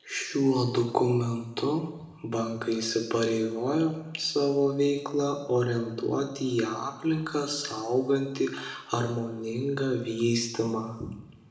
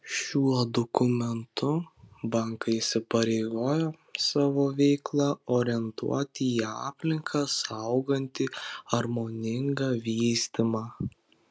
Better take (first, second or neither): second